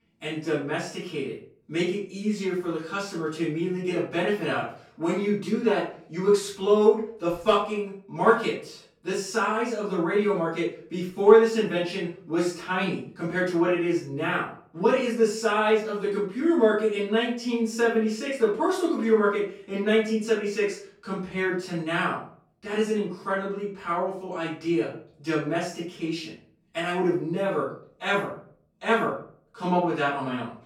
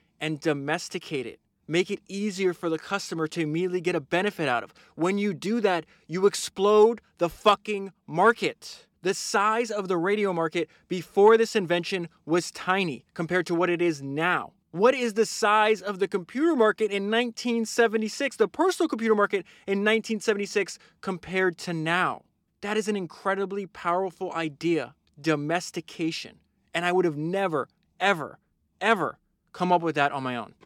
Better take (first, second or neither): second